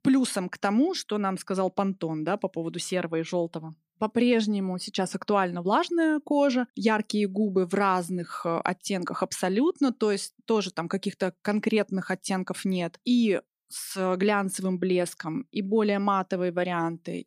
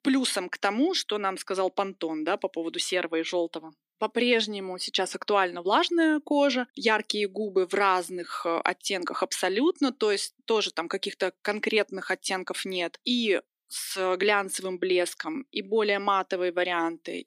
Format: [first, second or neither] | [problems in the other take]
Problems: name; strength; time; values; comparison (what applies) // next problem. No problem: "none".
first | thin; very slightly; fading below 300 Hz